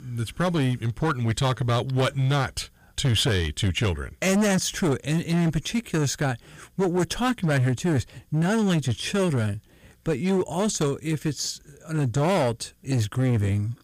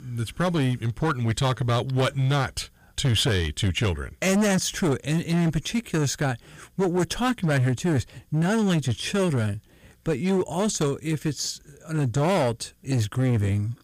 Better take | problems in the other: neither | distortion; slight; 12% of the sound clipped; the same in both

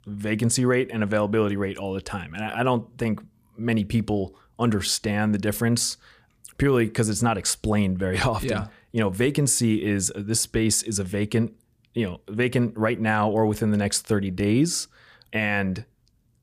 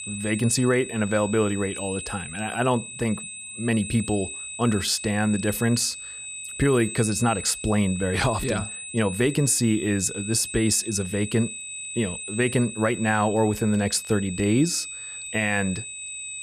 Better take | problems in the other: first | high-pitched whine; loud; throughout; 8 kHz, 9 dB below the speech

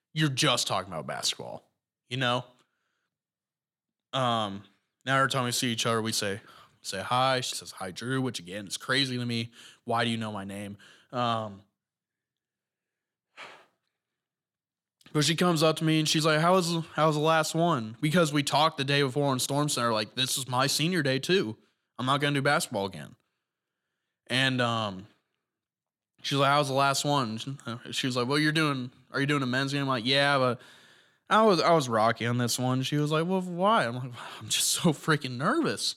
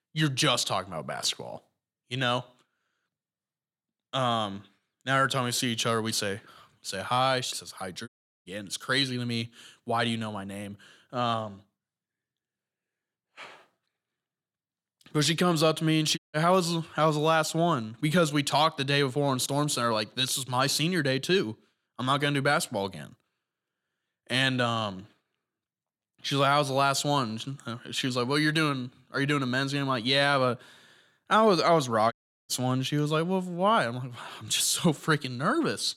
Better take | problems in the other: first | audio cutting out; at 8 s, at 16 s and at 32 s

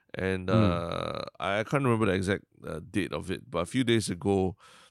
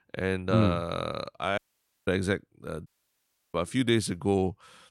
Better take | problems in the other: first | audio cutting out; at 1.5 s and at 3 s for 0.5 s

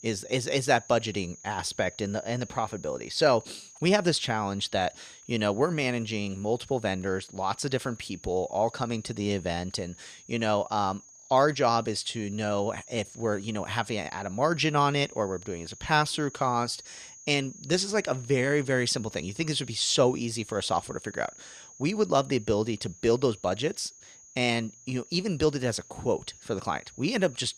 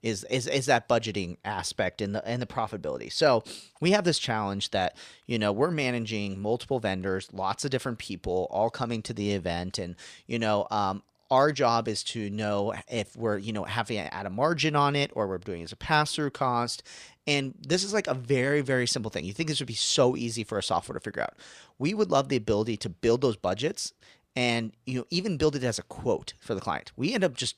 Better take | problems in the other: second | high-pitched whine; noticeable; throughout; 6.5 kHz, 20 dB below the speech

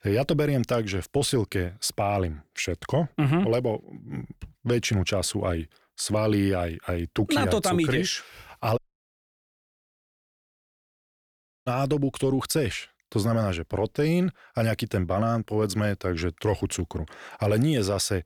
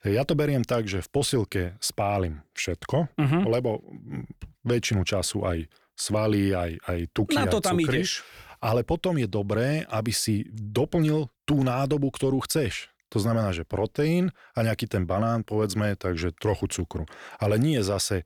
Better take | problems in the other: second | audio cutting out; at 9 s for 3 s

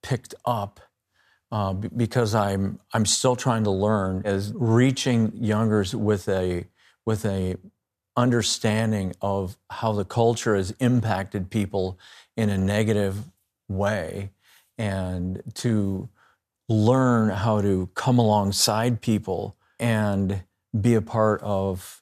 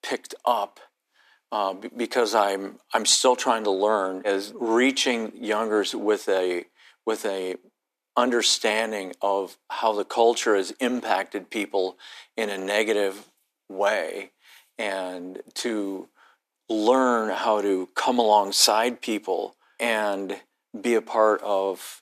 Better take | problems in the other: first | thin; somewhat; fading below 300 Hz

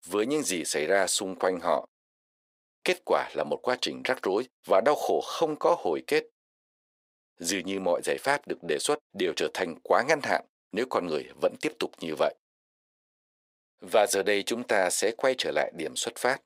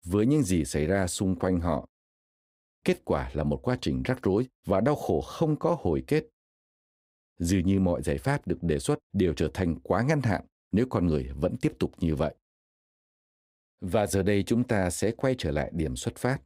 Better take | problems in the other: second | thin; very; fading below 600 Hz

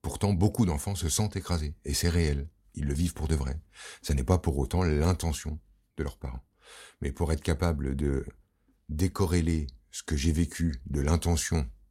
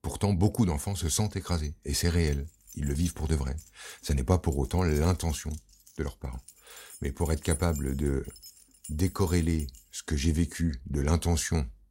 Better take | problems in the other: first | jangling keys; noticeable; from 1.5 to 10 s; peak 8 dB below the speech

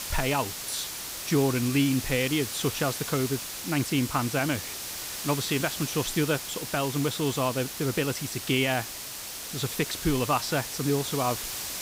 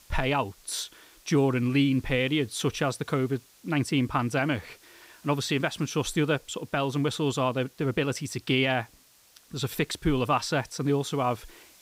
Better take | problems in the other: second | hiss; loud; throughout; 5 dB below the speech; faint in the second

